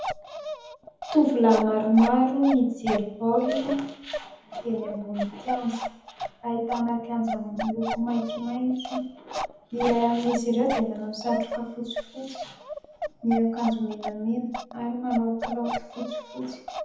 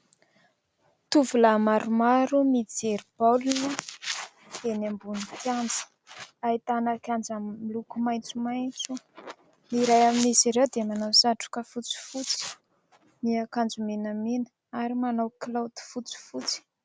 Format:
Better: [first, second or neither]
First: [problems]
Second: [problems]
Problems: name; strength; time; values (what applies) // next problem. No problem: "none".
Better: second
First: background sound (Bark); 8 dB below the speech // room echo; dies away in 1 s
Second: none